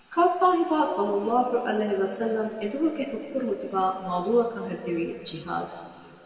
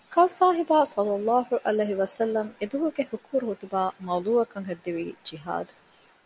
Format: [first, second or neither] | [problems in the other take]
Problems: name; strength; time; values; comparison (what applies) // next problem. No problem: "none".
second | room echo; dies away in 2.2 s